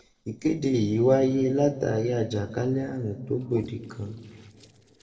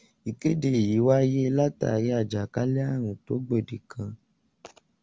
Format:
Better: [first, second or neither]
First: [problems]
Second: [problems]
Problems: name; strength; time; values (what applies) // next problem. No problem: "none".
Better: second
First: noise reduction (neural separator model SepFormer DNS4)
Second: none